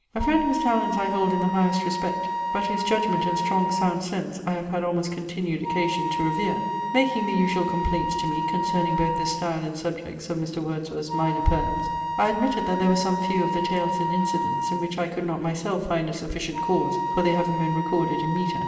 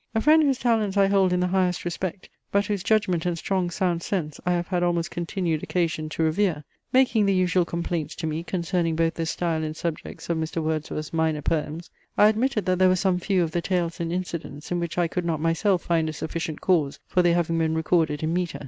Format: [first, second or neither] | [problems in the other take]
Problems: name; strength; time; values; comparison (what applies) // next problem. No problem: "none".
second | background sound (Wind instrument, woodwind instrument); 3 dB below the speech // room echo; dies away in 2.4 s